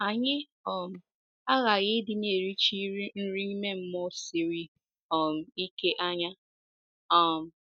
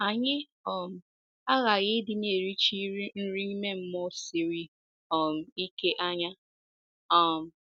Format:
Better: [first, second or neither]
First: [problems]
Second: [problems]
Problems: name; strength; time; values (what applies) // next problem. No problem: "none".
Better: second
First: noise reduction (neural mask model DeepFilterNet 3)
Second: none